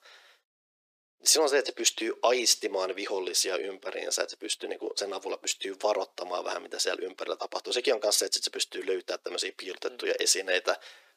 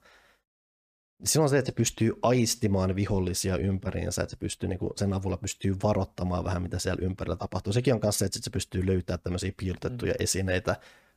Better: second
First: thin; very; fading below 350 Hz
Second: none

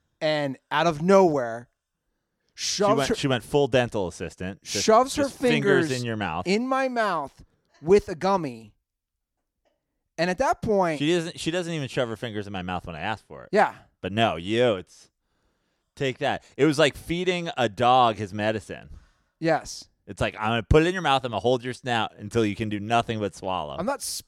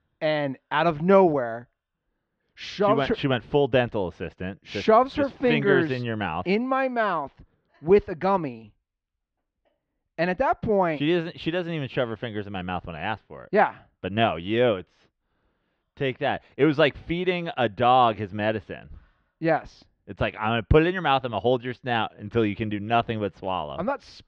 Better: first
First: none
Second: muffled; slightly; fading above 3.5 kHz

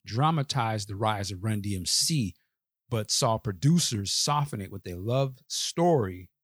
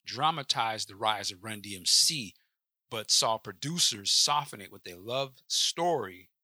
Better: first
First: none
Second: thin; somewhat; fading below 800 Hz

